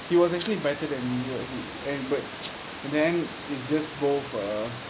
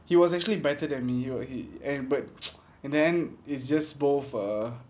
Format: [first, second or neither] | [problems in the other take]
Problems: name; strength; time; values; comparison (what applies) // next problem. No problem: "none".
second | background sound (Water); 11 dB below the speech